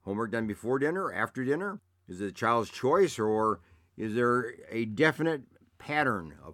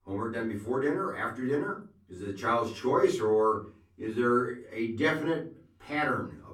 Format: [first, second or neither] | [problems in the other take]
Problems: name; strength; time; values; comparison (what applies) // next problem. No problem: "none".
first | room echo; slight; dies away in 0.3 s // off-mic speech; far